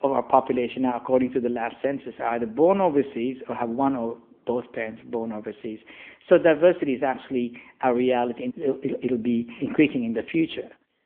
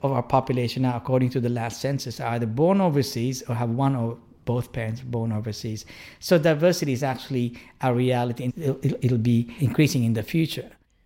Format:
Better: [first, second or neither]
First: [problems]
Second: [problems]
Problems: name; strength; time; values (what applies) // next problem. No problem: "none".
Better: second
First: phone-call audio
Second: none